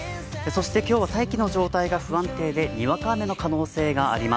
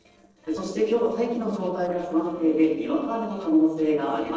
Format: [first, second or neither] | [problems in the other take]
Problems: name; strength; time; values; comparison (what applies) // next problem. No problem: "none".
first | noise reduction (neural separator model SepFormer DNS4)